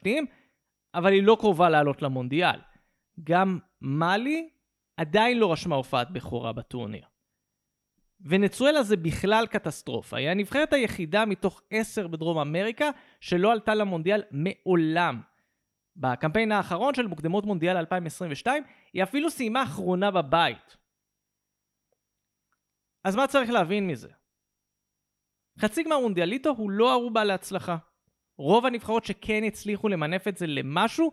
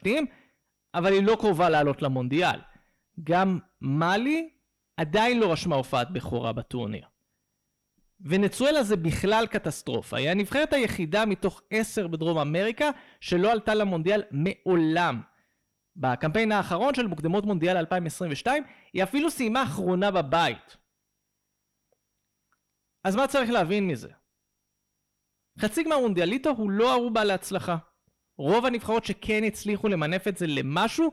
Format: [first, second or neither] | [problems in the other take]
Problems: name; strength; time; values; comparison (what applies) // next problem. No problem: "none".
first | distortion; slight; 10 dB below the speech